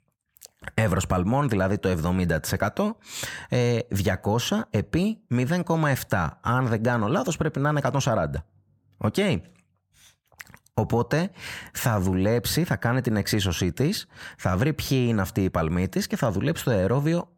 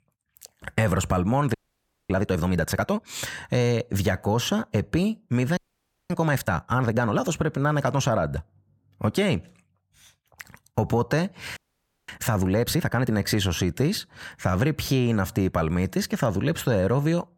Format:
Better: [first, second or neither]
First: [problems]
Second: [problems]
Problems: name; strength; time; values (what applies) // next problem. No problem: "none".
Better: first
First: none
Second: audio freezing; at 1.5 s for 0.5 s, at 5.5 s for 0.5 s and at 12 s for 0.5 s